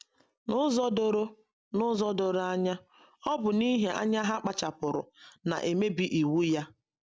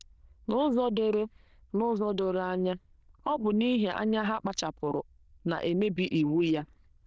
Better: first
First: none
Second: noise reduction (neural diffusion model UNIVERSE++)

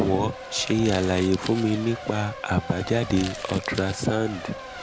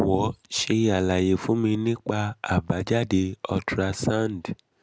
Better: second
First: background sound (Crumpling, crinkling + Race car, auto racing / Accelerating, revving, vroom / Mechanisms); 11 dB below the speech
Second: none

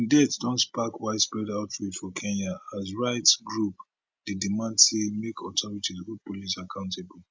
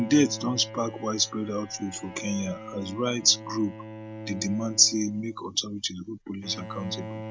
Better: first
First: none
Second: background sound (Bowed string instrument); 13 dB below the speech

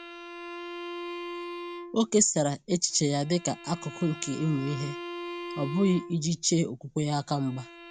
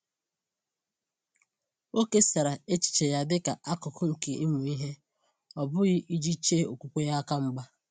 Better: second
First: background sound (Bowed string instrument); 11 dB below the speech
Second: none

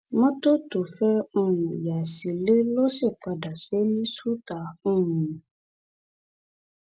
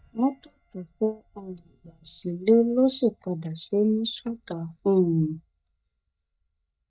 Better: first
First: none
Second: noise reduction (neural mask model DeepFilterNet 3)

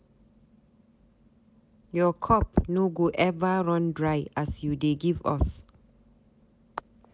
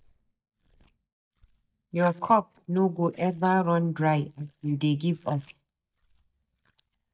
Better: first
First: none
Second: noise reduction (neural mask model DeepFilterNet 3)

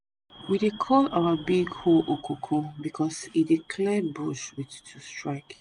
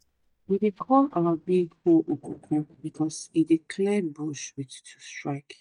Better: first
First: none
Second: noise reduction (neural mask model DeepFilterNet 3)

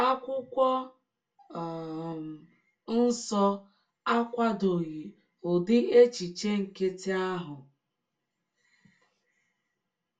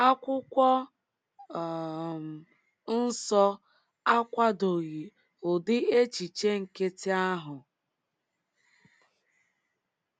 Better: second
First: room echo; dies away in 0.2 s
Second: none

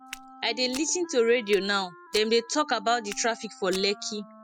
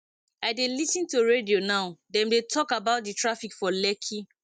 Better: second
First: noise reduction (classical method spectral subtraction)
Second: none

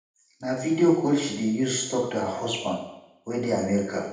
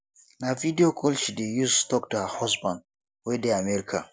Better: second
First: room echo; dies away in 0.8 s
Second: none

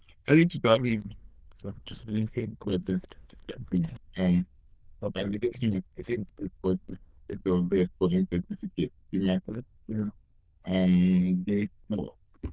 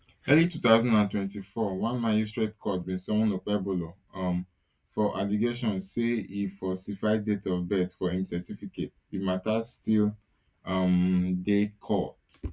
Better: second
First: noise reduction (neural diffusion model UNIVERSE++)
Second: none

